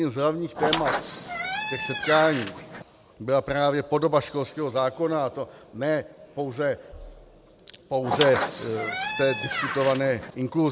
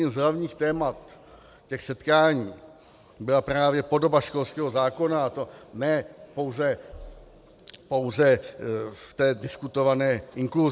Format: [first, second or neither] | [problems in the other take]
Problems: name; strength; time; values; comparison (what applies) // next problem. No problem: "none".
second | background sound (Squeak); 4 dB below the speech